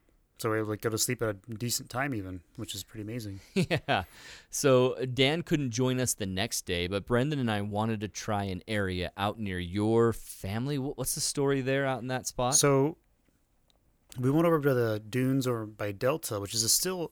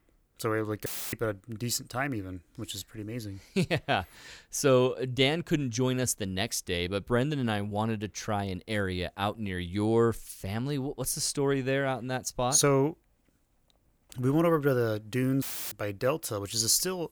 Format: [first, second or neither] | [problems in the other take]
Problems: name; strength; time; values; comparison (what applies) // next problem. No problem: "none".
first | audio cutting out; filled with static; at 1 s and at 15 s